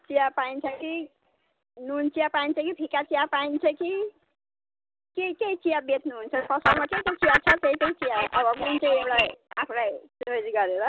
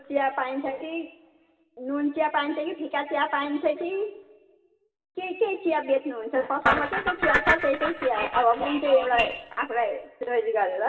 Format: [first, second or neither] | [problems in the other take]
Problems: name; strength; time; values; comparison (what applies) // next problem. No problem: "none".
first | room echo; dies away in 1.6 s